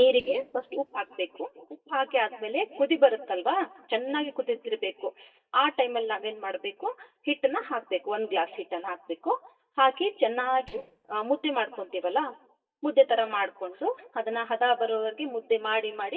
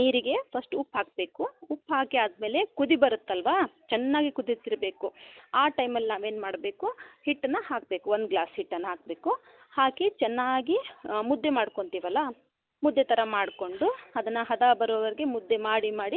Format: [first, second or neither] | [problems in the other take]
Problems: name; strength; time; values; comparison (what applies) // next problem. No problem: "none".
second | noise reduction (neural mask model DeepFilterNet 3)